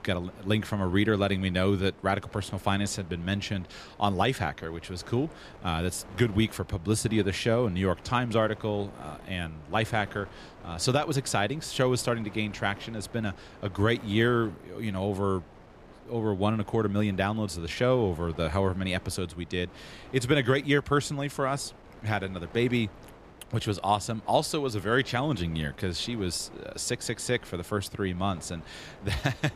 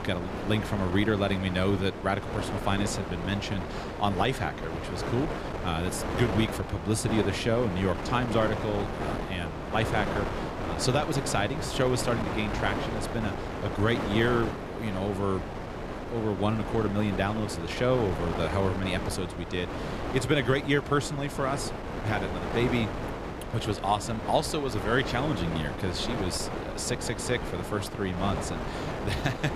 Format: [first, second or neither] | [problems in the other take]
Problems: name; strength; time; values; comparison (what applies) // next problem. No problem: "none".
first | wind noise on the microphone; heavy; 4 dB below the speech; occasional gusts in the first